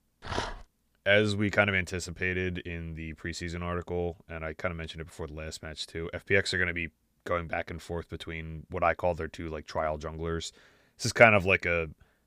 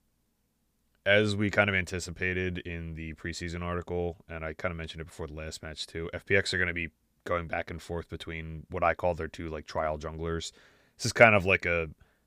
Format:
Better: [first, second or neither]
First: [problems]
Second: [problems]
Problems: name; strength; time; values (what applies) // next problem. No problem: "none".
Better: second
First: dog barking; noticeable; at 0.5 s; peak 6 dB below the speech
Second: none